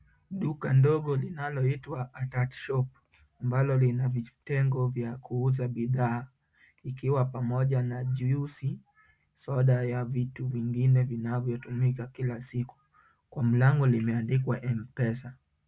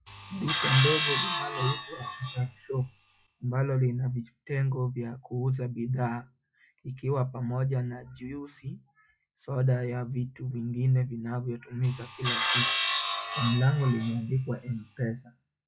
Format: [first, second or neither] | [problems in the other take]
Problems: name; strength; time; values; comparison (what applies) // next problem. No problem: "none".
first | noise reduction (classical method log-MMSE)